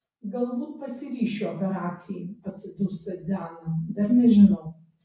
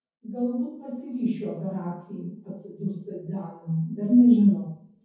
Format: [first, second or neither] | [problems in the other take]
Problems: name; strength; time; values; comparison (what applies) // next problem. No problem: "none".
first | room echo; dies away in 0.5 s